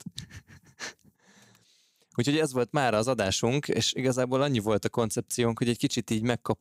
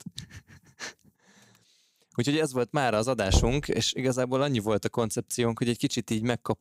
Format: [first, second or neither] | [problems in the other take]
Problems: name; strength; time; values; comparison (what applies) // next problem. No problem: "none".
first | door banging; noticeable; at 3.5 s; peak 1 dB below the speech